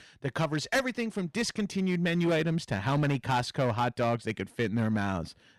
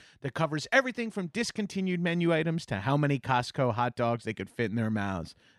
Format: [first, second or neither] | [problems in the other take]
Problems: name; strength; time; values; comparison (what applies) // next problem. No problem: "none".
second | distortion; slight; 8% of the sound clipped